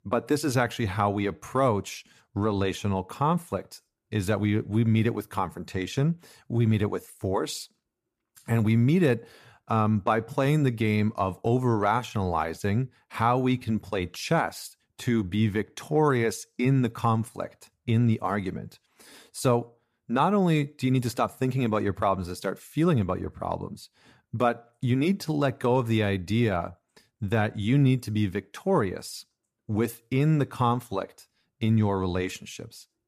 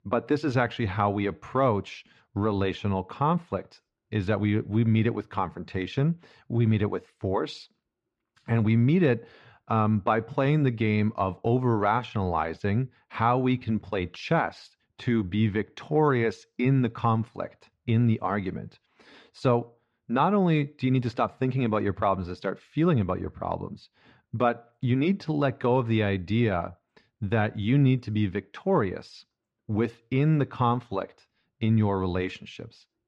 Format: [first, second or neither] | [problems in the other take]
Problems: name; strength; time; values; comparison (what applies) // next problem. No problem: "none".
first | muffled; slightly; fading above 4 kHz